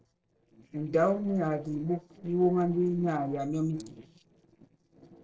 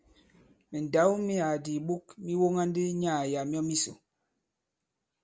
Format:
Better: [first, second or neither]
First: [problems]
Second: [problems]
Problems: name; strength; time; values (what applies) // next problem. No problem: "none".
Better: second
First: noise reduction (neural separator model SepFormer DNS4)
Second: none